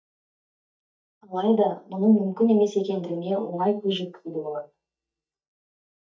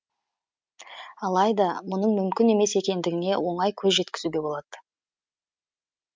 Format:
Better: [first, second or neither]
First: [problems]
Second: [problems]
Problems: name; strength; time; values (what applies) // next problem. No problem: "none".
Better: second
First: noise reduction (neural mask model DeepFilterNet 3)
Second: none